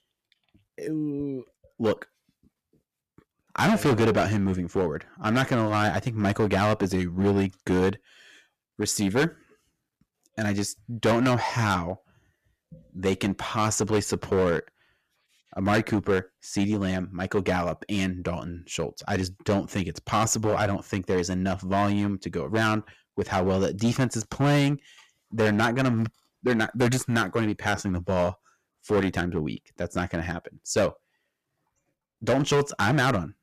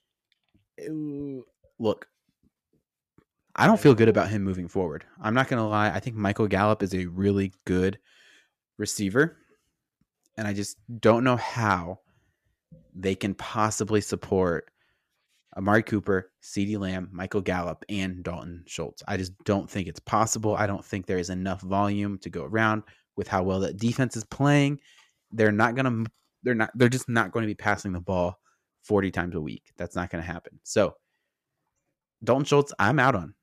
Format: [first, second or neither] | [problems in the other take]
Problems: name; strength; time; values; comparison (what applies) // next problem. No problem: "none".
second | distortion; heavy; 7% of the sound clipped